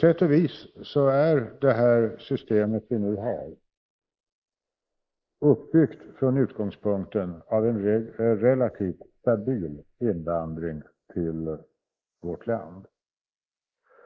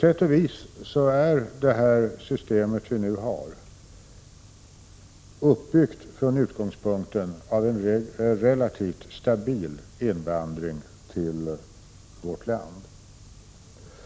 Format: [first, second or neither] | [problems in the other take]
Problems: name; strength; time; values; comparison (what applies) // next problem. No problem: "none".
second | noise reduction (neural mask model Resemble Enhance denoiser)